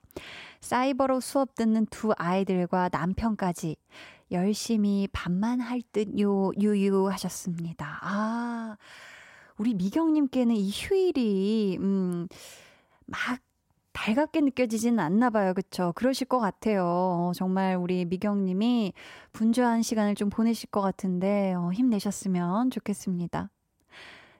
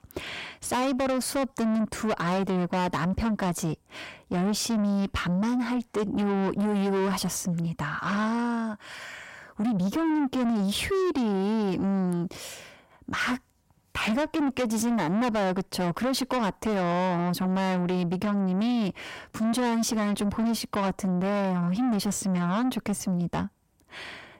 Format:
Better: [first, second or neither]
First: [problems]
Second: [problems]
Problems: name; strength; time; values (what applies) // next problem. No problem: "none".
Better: first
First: none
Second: distortion; heavy; 8 dB below the speech